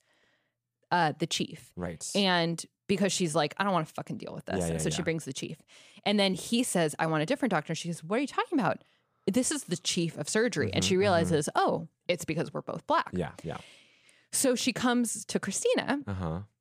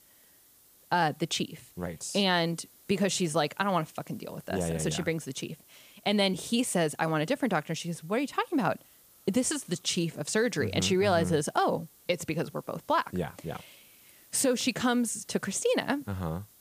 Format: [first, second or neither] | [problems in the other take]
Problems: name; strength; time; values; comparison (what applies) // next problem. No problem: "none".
first | hiss; faint; throughout; 25 dB below the speech